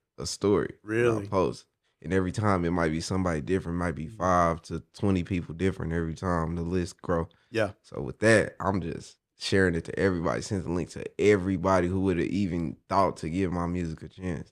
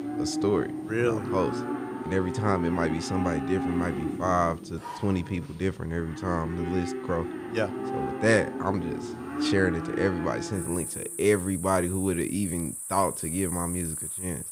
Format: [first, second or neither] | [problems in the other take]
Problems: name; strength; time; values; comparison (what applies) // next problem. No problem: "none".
first | animal sounds; loud; throughout; 4 dB below the speech